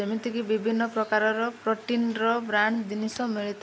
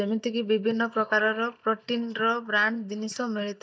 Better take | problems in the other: first | noise reduction (neural mask model DeepFilterNet 3)

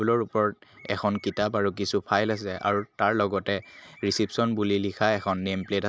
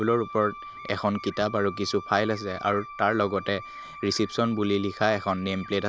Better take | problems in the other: first | background sound (Wind instrument, woodwind instrument); 15 dB below the speech

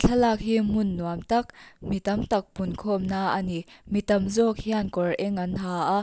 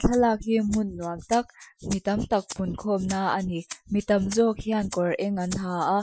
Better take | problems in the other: first | noise reduction (classical method Wiener filter)

